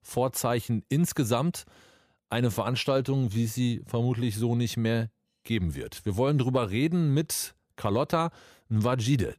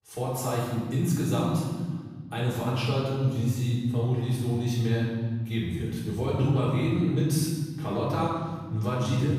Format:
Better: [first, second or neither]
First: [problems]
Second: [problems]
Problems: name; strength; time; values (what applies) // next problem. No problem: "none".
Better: first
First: none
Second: off-mic speech; far // room echo; strong; dies away in 1.8 s